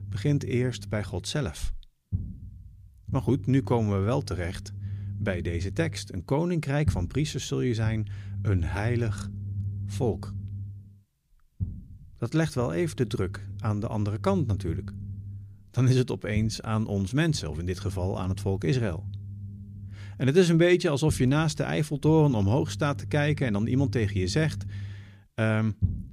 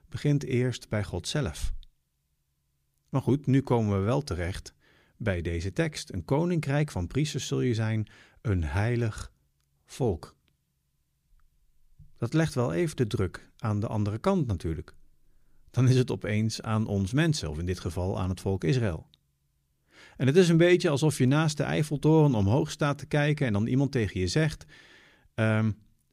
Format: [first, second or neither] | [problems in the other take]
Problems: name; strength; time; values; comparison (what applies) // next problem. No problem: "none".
second | low rumble; noticeable; throughout; 20 dB below the speech